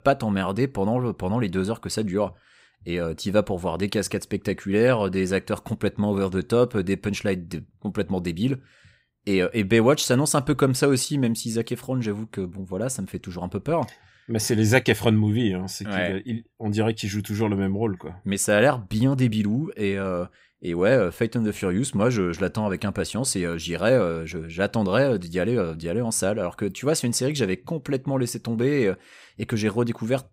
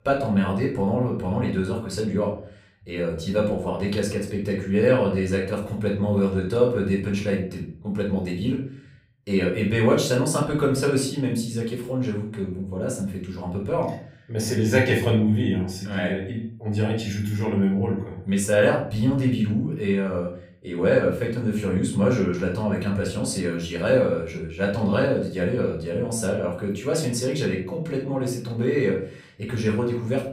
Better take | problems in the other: first | off-mic speech; far // room echo; noticeable; dies away in 0.4 s

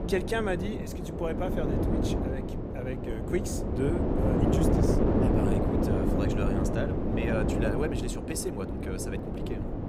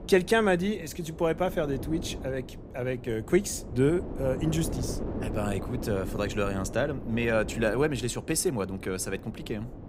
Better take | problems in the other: second | wind noise on the microphone; heavy; 3 dB above the speech; occasional gusts in the second

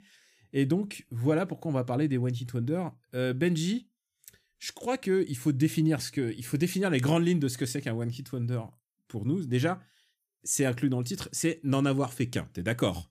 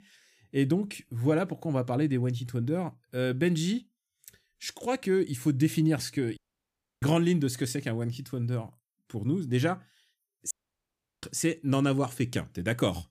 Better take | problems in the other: first | audio cutting out; at 6.5 s for 0.5 s and at 11 s for 0.5 s

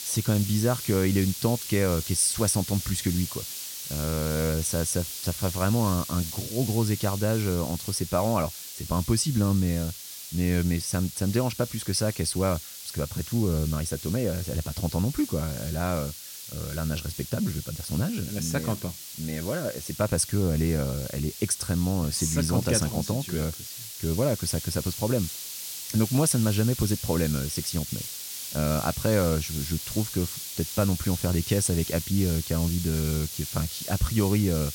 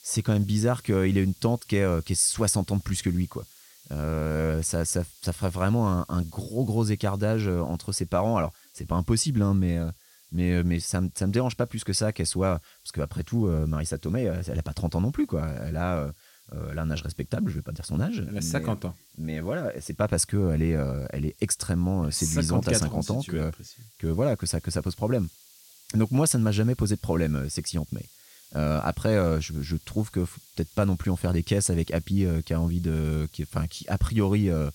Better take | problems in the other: second | hiss; loud; throughout; 8 dB below the speech; faint in the second

